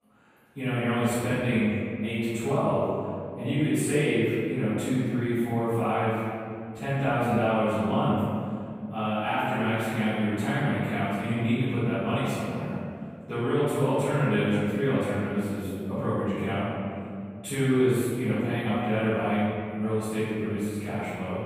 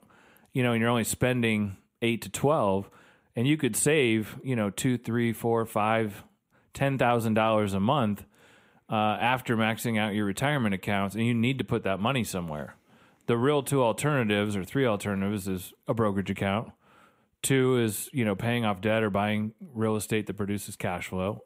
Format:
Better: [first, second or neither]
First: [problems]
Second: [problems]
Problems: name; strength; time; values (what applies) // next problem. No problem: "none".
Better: second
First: off-mic speech; far // room echo; strong; dies away in 2.4 s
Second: none